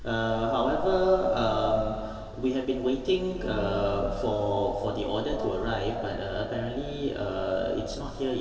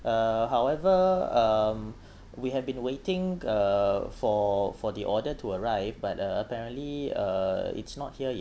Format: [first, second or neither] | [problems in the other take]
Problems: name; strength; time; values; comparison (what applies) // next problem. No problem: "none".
second | background sound (Brass instrument); 14 dB below the speech // room echo; dies away in 2.7 s